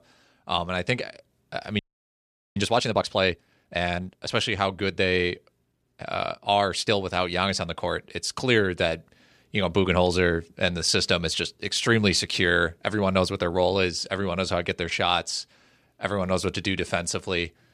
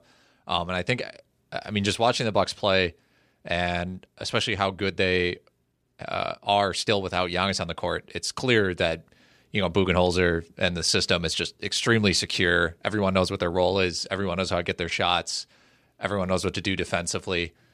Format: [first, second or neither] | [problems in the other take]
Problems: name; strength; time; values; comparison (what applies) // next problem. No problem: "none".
second | audio freezing; at 2 s for 1 s